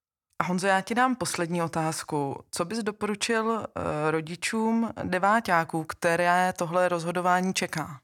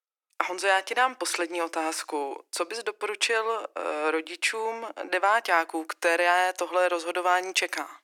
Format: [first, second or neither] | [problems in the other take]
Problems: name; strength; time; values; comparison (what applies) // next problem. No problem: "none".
first | thin; very; fading below 300 Hz